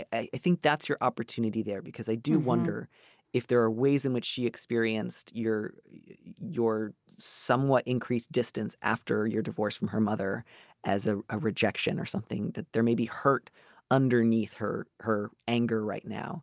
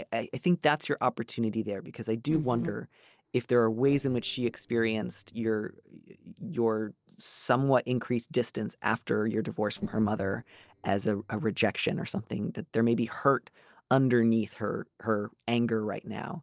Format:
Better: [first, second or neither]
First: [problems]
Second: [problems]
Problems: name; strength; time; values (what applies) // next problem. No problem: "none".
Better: first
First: none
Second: noise reduction (neural separator model SepFormer DNS4)